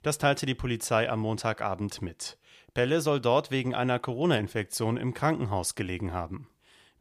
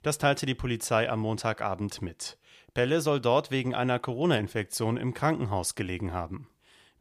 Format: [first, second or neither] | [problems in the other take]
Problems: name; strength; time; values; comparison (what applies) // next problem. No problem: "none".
neither | none